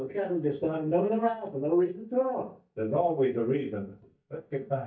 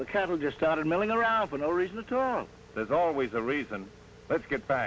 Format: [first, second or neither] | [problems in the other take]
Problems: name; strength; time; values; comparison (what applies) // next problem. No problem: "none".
second | noise reduction (neural mask model DeepFilterNet 3)